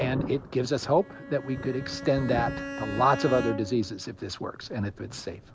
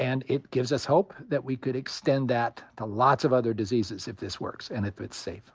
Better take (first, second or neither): second